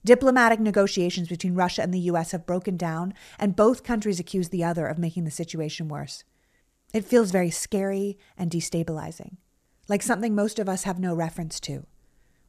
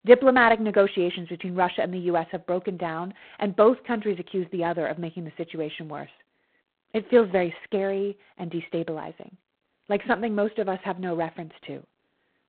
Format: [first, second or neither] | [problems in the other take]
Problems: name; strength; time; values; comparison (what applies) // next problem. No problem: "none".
first | phone-call audio; poor line; nothing above 4 kHz